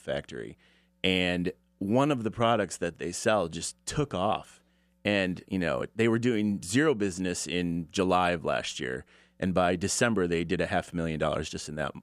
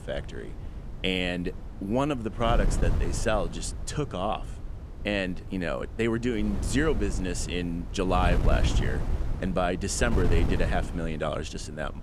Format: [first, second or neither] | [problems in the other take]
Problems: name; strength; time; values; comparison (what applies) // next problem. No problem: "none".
first | wind noise on the microphone; occasional gusts; 10 dB below the speech